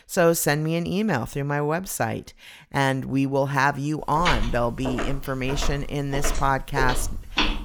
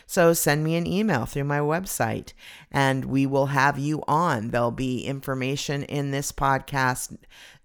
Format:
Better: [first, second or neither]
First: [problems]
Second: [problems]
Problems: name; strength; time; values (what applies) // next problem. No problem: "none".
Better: second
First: footsteps; loud; from 4 s on; peak level with the speech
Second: none